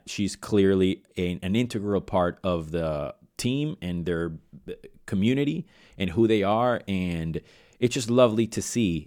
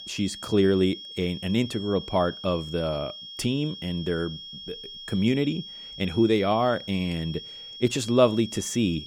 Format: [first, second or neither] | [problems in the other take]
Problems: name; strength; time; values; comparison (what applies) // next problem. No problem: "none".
first | high-pitched whine; noticeable; throughout; 3.5 kHz, 10 dB below the speech